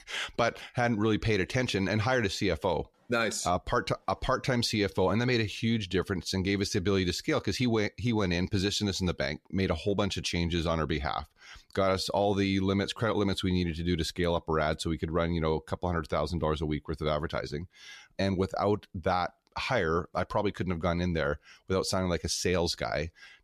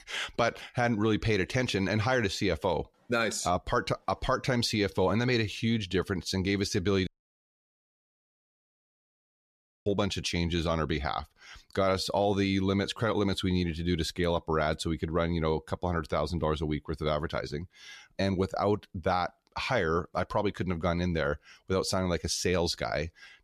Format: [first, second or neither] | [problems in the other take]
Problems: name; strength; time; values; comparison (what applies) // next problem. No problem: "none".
first | audio cutting out; at 7 s for 3 s